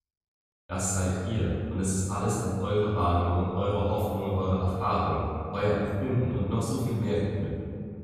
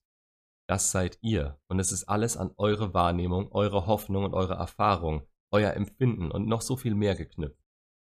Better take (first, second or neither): second